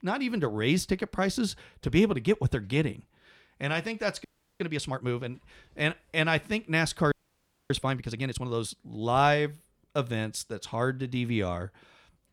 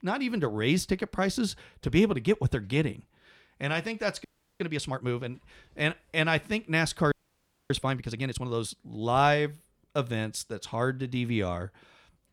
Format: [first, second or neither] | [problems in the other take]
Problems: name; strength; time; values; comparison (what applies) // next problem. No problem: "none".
neither | audio freezing; at 4.5 s and at 7 s for 0.5 s; the same in both